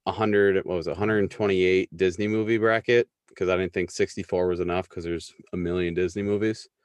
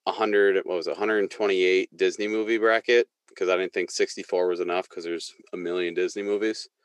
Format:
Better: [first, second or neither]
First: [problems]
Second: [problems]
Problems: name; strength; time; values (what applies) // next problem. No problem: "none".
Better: first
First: none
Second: thin; somewhat; fading below 300 Hz